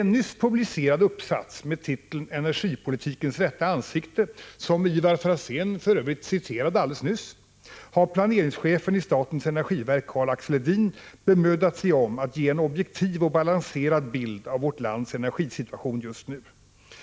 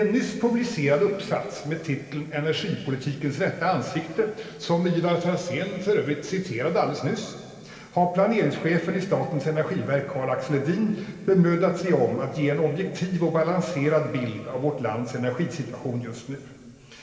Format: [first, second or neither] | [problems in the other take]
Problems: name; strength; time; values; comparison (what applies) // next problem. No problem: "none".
first | room echo; dies away in 2.3 s